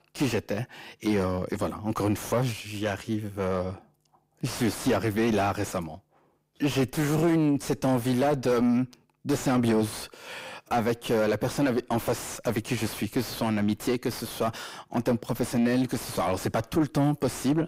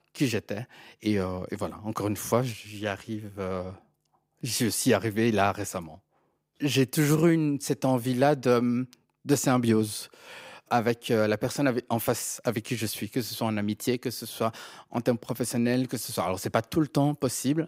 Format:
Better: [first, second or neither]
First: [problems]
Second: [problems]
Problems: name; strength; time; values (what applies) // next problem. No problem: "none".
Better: second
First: distortion; heavy; 6 dB below the speech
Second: none